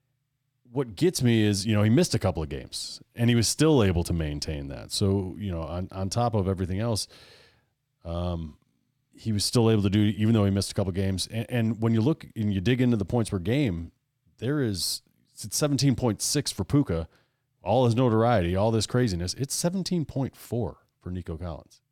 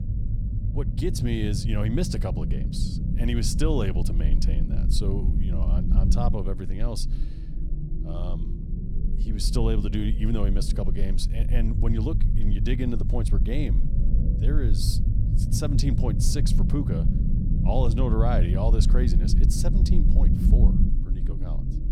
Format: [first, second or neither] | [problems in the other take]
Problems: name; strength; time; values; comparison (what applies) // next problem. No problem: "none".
first | low rumble; loud; throughout; 5 dB below the speech